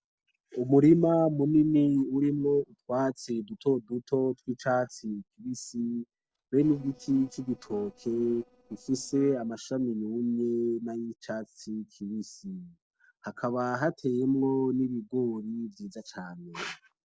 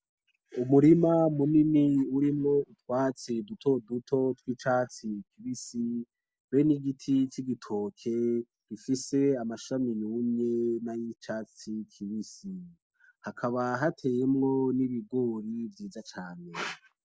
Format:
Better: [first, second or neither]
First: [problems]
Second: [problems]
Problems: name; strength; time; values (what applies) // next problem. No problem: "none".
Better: second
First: noise reduction (neural separator model SepFormer DNS4)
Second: none